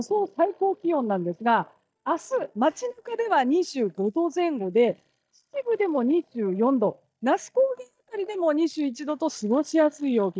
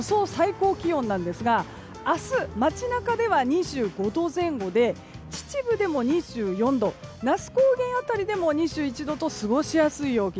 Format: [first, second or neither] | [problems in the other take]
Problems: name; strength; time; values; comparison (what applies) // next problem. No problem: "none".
second | noise reduction (neural mask model DeepFilterNet 3)